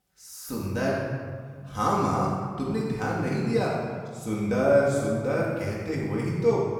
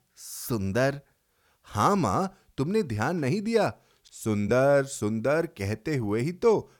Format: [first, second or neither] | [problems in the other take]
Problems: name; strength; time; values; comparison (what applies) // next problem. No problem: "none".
second | off-mic speech; far // room echo; strong; dies away in 1.6 s